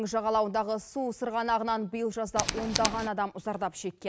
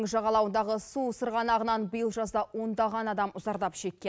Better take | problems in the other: second | background sound (Tools); 2 dB below the speech

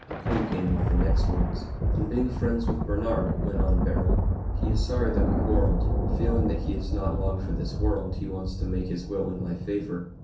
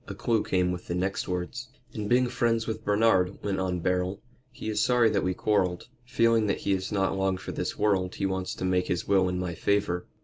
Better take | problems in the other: second | background sound (Thunder); 5 dB above the speech // room echo; dies away in 0.6 s

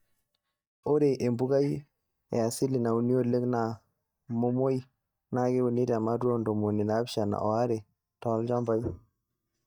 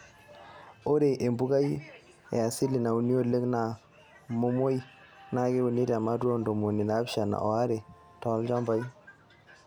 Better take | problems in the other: second | noise reduction (neural mask model DeepFilterNet 3)

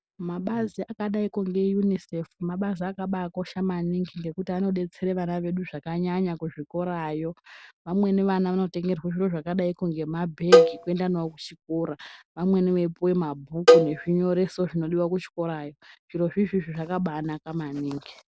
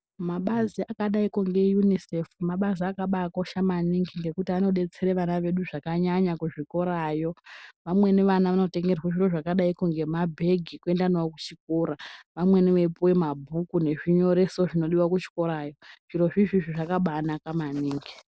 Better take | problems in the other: second | background sound (Cowbell); 4 dB above the speech

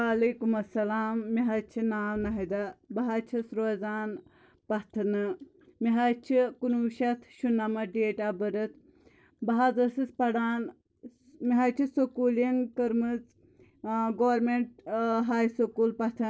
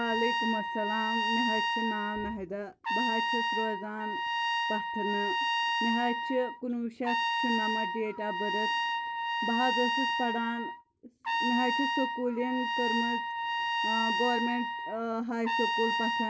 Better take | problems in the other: first | background sound (Trumpet); 3 dB above the speech

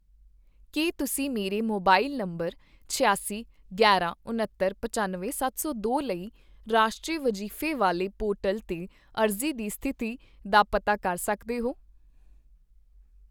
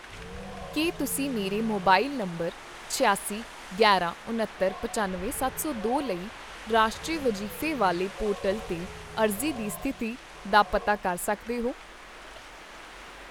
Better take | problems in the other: first | background sound (Wind); 13 dB below the speech

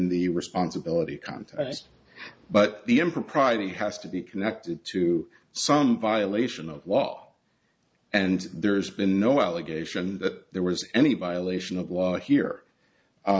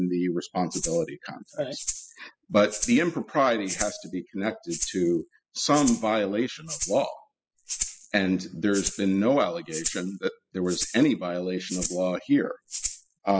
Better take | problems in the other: first | noise reduction (classical method spectral subtraction)

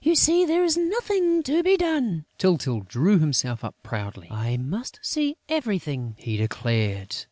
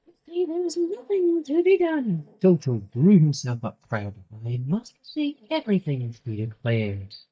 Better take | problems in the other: first | noise reduction (neural mask model DeepFilterNet 3)

